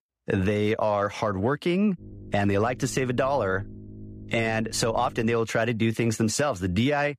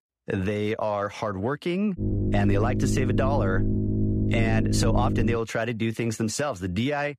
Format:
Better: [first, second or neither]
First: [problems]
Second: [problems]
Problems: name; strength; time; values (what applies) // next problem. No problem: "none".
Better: first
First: low rumble; faint; from 2 to 5.5 s; 25 dB below the speech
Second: low rumble; loud; from 2 to 5.5 s; 5 dB below the speech